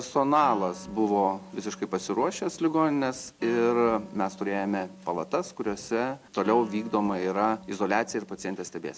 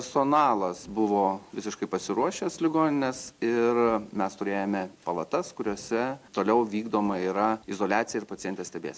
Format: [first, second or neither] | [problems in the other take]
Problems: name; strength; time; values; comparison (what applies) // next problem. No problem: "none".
second | background sound (Wind instrument, woodwind instrument); 19 dB below the speech